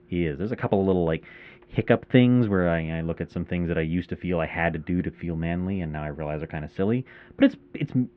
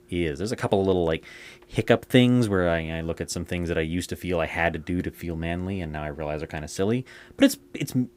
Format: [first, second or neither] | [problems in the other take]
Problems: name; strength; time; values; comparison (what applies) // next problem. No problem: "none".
second | muffled; very; fading above 3 kHz